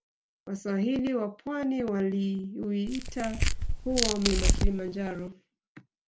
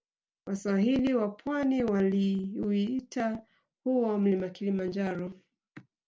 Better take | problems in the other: second | background sound (Tearing); 4 dB above the speech

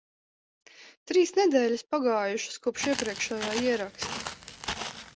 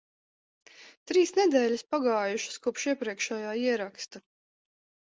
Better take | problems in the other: second | background sound (Walk, footsteps); 8 dB below the speech

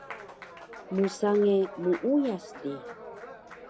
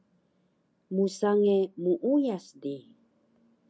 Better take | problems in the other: second | background sound (Applause); 14 dB below the speech

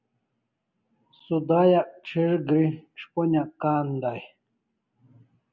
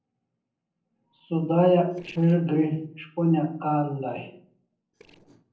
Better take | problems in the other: first | noise reduction (neural separator model SepFormer DNS4)

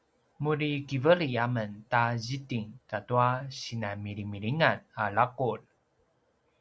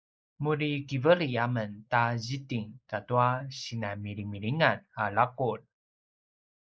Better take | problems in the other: first | noise reduction (neural mask model Resemble Enhance denoiser)

